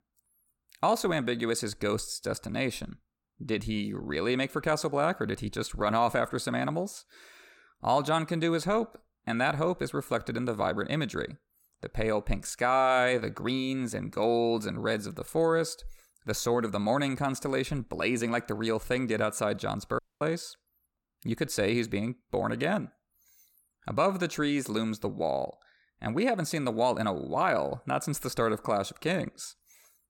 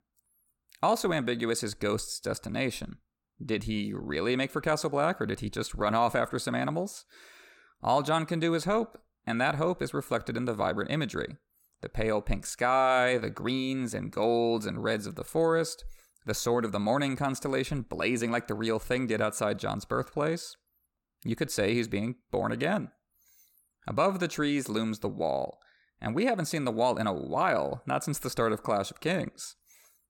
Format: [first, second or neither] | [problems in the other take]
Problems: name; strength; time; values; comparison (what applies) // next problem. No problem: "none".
second | audio cutting out; at 20 s